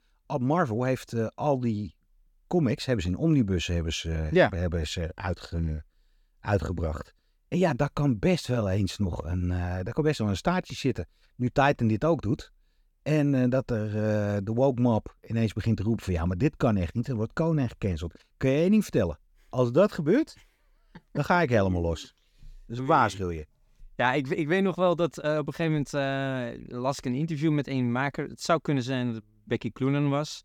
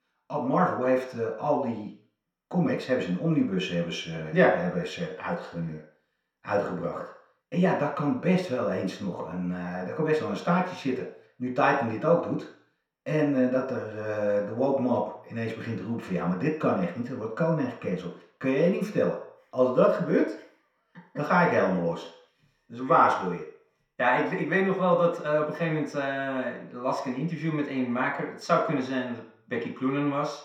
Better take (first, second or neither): first